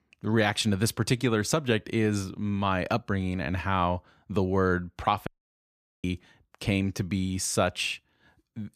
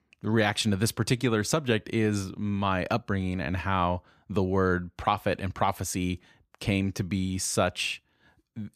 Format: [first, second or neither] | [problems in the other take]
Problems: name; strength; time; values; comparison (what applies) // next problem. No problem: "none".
second | audio cutting out; at 5.5 s for 1 s